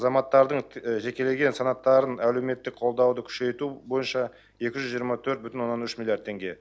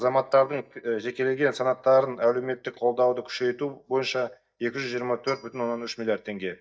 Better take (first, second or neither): first